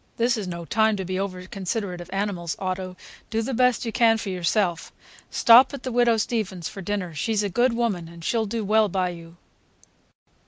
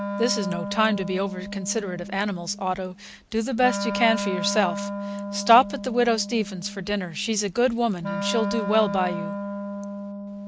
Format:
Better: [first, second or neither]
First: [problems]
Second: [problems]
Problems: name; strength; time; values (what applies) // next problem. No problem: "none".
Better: first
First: none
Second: background sound (Wind instrument, woodwind instrument); 7 dB below the speech